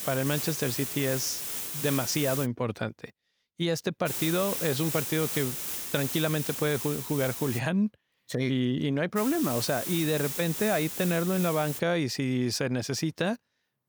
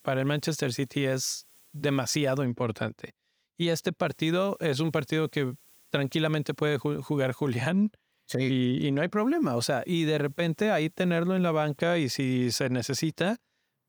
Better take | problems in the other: second | hiss; loud; until 2.5 s, from 4 to 7.5 s and from 9 to 12 s; 4 dB below the speech; faint in the second

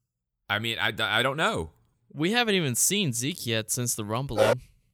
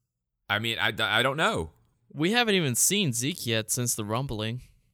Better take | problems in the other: second | dog barking; loud; at 4.5 s; peak 1 dB above the speech

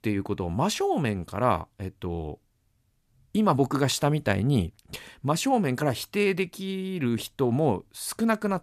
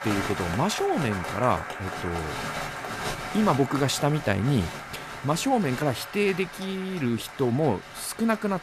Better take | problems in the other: first | crowd noise; loud; throughout; 8 dB below the speech

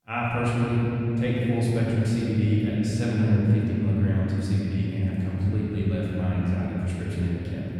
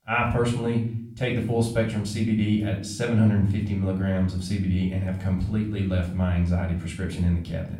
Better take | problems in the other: second | room echo; strong; dies away in 3 s; slight in the second // off-mic speech; far; far in the second

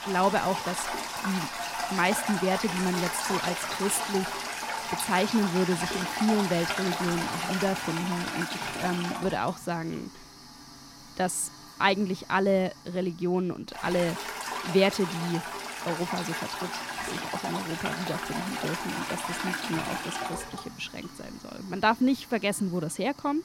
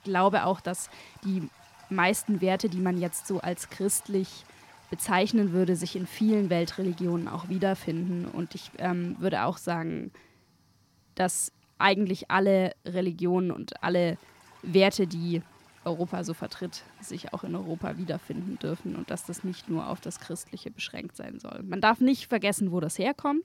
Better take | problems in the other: second | household noises; loud; throughout; 3 dB below the speech; faint in the second

